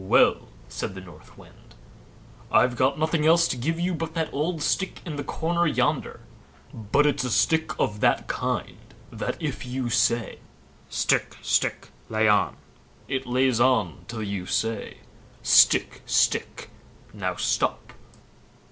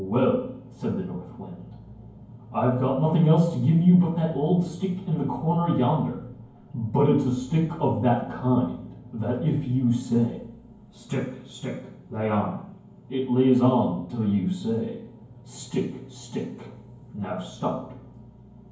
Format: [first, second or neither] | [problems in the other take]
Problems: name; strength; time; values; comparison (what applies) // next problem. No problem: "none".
first | room echo; dies away in 0.9 s